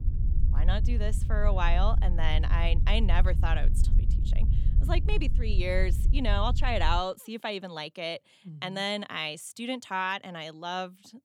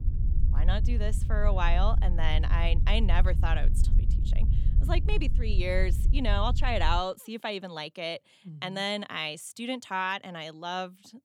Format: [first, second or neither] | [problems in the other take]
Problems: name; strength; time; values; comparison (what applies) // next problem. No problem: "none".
neither | low rumble; noticeable; until 7 s; 15 dB below the speech; the same in both